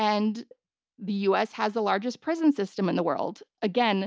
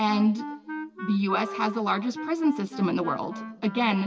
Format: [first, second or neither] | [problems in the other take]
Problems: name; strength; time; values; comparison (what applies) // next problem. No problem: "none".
first | background sound (Wind instrument, woodwind instrument); 11 dB below the speech // room echo; dies away in 1.4 s